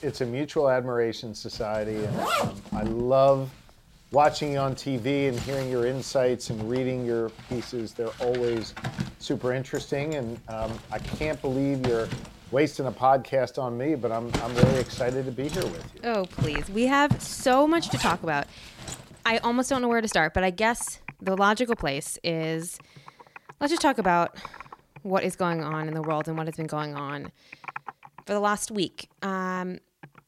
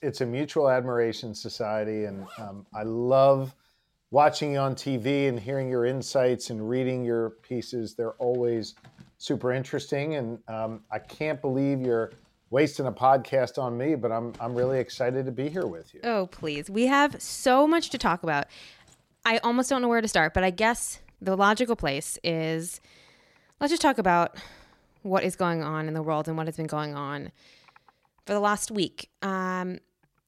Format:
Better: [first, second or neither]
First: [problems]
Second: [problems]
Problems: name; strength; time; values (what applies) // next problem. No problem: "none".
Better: second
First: household noises; loud; throughout; 9 dB below the speech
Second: household noises; faint; throughout; 30 dB below the speech